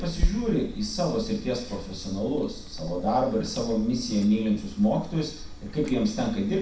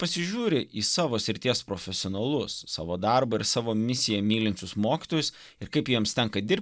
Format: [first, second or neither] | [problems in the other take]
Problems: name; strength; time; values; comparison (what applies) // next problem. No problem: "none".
second | background sound (Chewing, mastication); 8 dB below the speech // room echo; dies away in 0.6 s